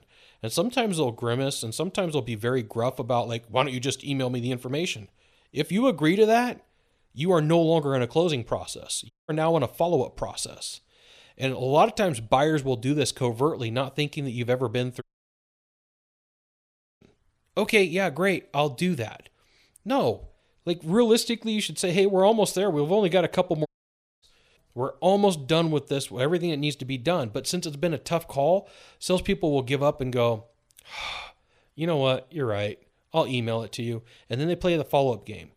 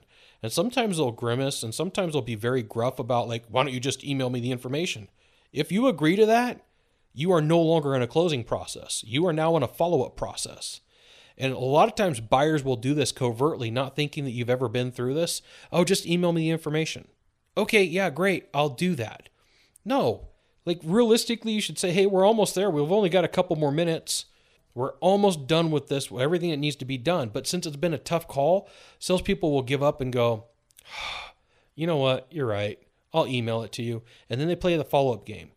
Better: second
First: audio cutting out; at 9 s, at 15 s for 2 s and at 24 s for 0.5 s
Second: none

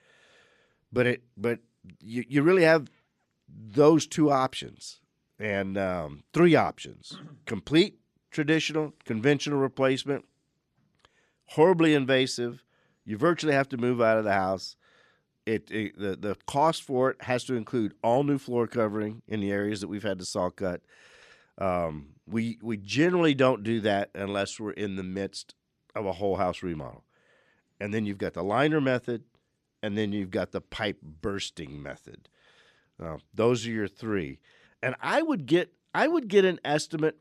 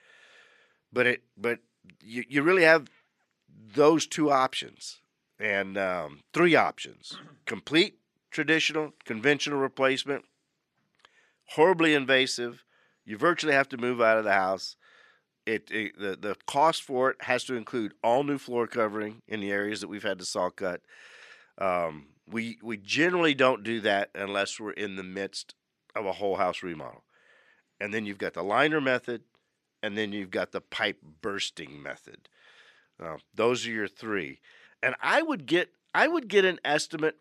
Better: first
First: none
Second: thin; very slightly; fading below 400 Hz

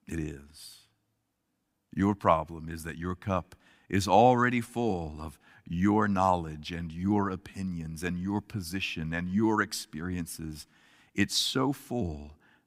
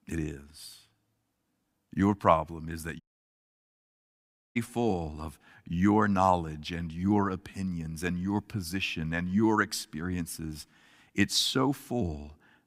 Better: first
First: none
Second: audio cutting out; at 3 s for 1.5 s

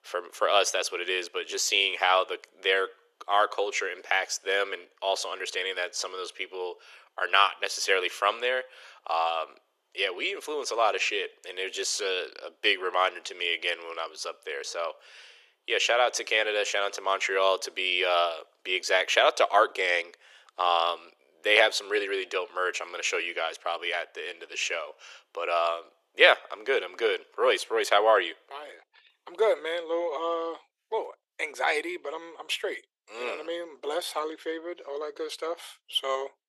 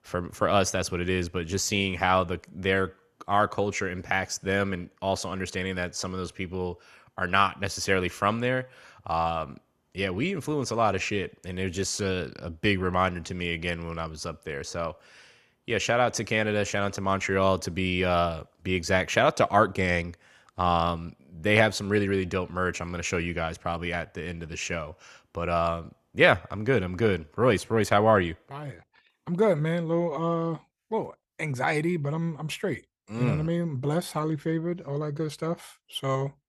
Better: second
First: thin; very; fading below 400 Hz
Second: none

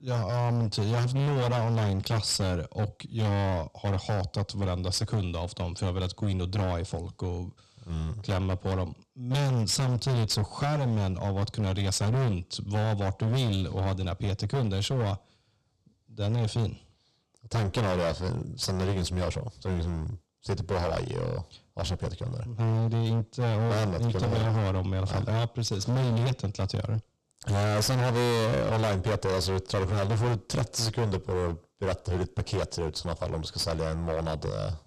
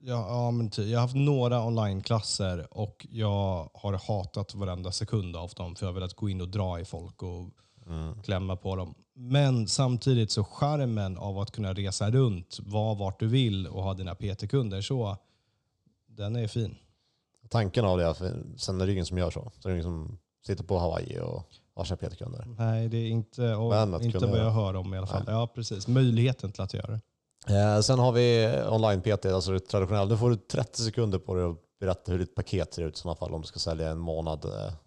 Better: second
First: distortion; heavy; 23% of the sound clipped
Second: none

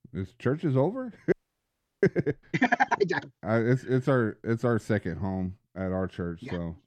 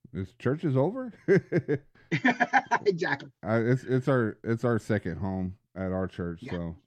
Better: second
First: audio freezing; at 1.5 s for 0.5 s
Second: none

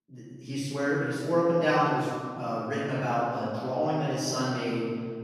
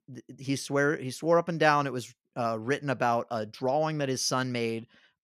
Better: second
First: off-mic speech; far // room echo; strong; dies away in 1.8 s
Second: none

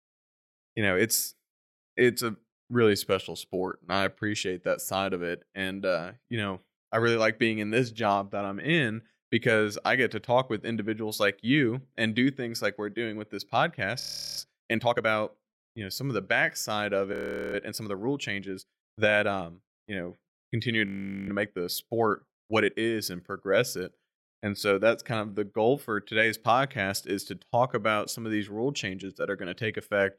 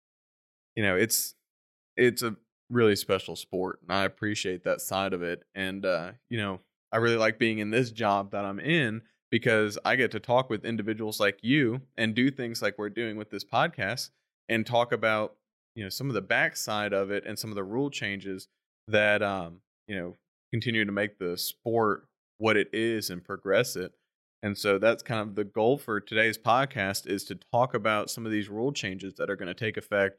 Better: second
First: audio freezing; at 14 s, at 17 s and at 21 s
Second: none

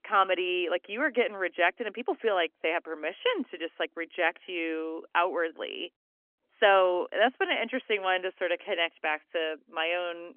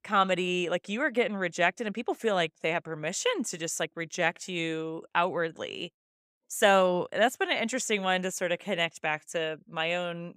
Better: second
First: phone-call audio; nothing above 3 kHz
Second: none

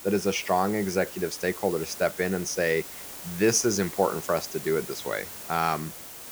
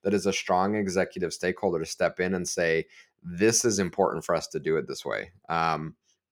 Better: second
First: hiss; noticeable; throughout; 10 dB below the speech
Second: none

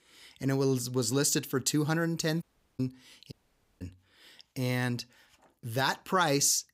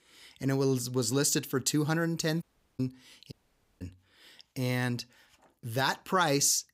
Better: neither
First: audio cutting out; at 2.5 s and at 3.5 s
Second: audio cutting out; at 2.5 s and at 3.5 s

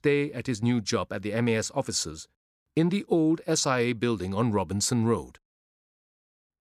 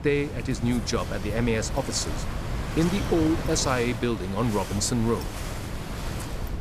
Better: first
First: none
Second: wind noise on the microphone; heavy; 8 dB below the speech

